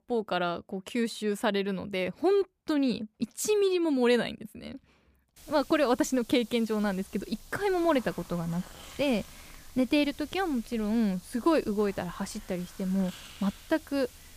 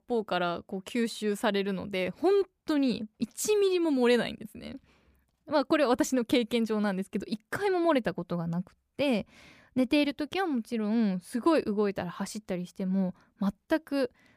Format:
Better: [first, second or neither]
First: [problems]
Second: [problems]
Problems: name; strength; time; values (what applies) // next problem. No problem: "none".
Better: second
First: hiss; noticeable; from 5.5 s on; 20 dB below the speech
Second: none